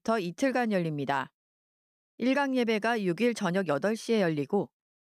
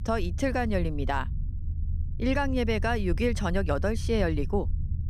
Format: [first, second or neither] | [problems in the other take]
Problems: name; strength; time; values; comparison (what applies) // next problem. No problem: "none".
first | low rumble; noticeable; throughout; 20 dB below the speech